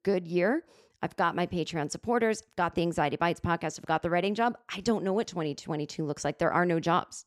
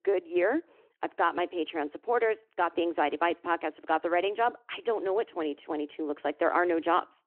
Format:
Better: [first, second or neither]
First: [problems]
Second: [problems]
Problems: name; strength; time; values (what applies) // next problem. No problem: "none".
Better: first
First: none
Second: phone-call audio